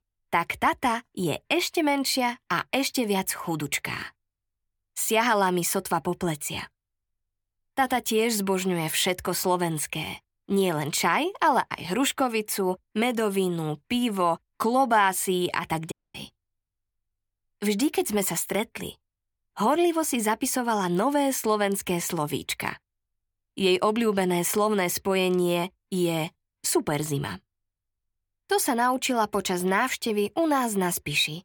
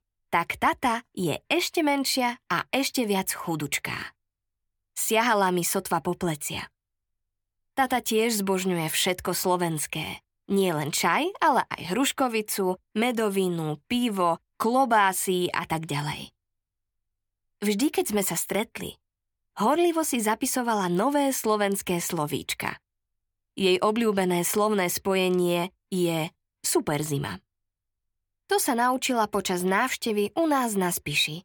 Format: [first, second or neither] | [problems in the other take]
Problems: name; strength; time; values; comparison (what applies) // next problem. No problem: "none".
second | audio cutting out; at 16 s